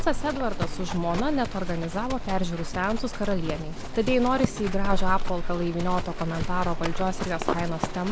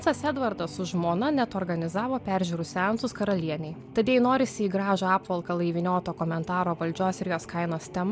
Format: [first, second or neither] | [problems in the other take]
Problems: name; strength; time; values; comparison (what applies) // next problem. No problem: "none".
second | background sound (Livestock, farm animals, working animals); as loud as the speech